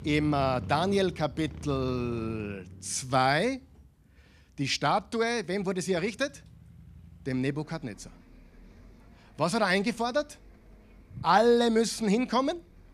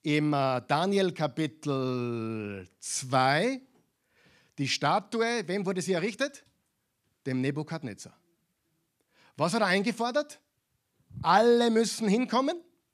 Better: second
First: traffic noise; noticeable; throughout; 20 dB below the speech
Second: none

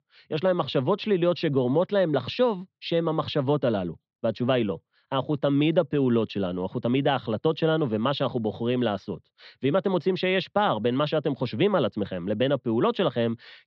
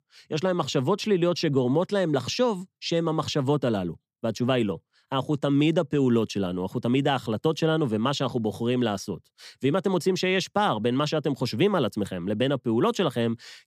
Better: second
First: muffled; slightly; fading above 4 kHz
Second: none

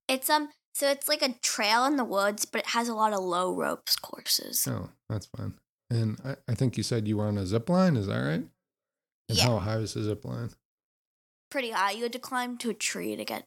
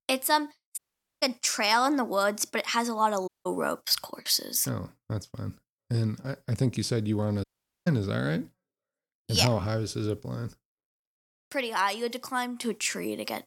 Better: first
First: none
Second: audio cutting out; at 1 s, at 3.5 s and at 7.5 s

